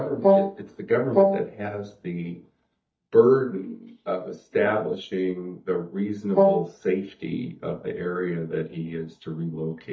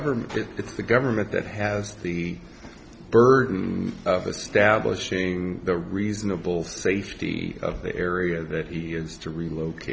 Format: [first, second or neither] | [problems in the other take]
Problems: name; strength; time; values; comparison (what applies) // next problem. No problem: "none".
second | noise reduction (neural mask model DeepFilterNet 3)